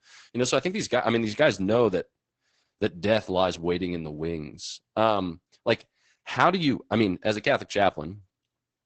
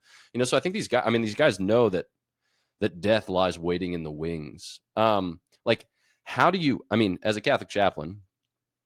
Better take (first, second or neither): second